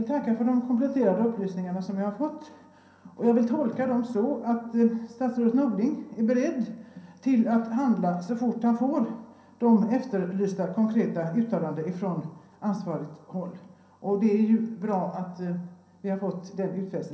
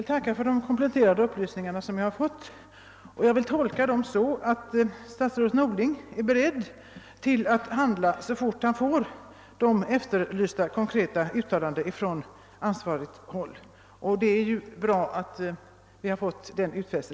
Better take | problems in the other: second | room echo; dies away in 0.6 s

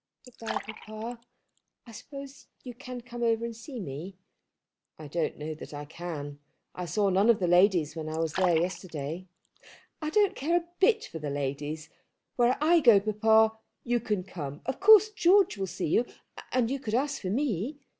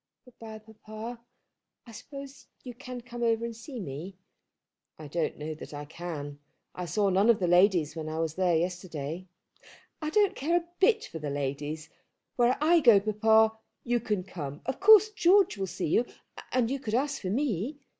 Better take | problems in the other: second | background sound (Fill (with liquid)); 13 dB below the speech

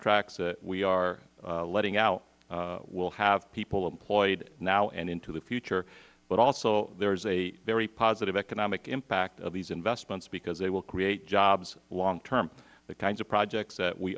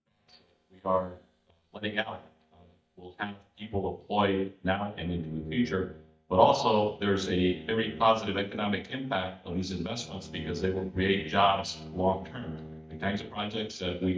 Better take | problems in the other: first | noise reduction (neural mask model DeepFilterNet 3)

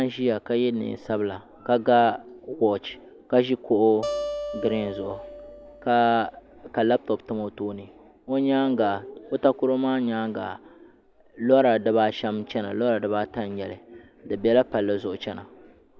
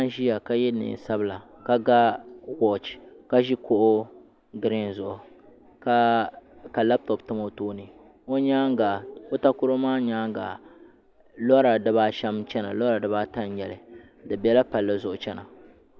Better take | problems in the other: second | background sound (Acoustic guitar); 11 dB below the speech

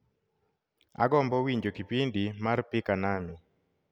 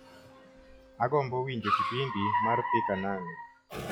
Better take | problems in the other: first | noise reduction (classical method log-MMSE)

